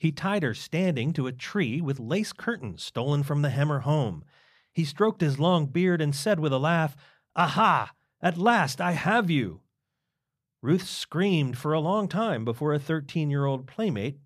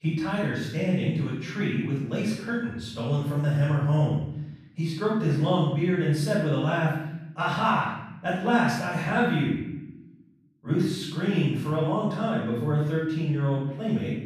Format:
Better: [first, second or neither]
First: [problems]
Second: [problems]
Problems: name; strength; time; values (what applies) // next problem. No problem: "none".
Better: first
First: none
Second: off-mic speech; far // room echo; strong; dies away in 0.8 s